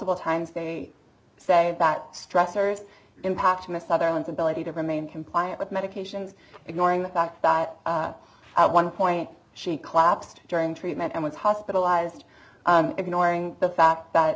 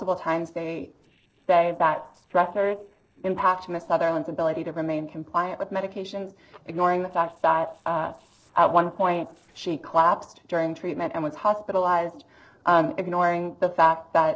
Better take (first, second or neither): first